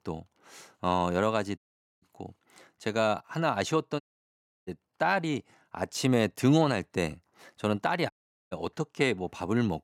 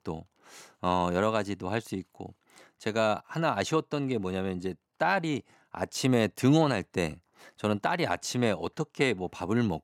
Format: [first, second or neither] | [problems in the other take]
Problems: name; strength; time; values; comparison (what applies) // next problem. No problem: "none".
second | audio cutting out; at 1.5 s, at 4 s for 0.5 s and at 8 s